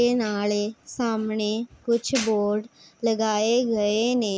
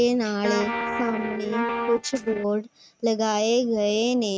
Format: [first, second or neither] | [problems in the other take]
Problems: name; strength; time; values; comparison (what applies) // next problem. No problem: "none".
first | noise reduction (neural mask model RNNoise)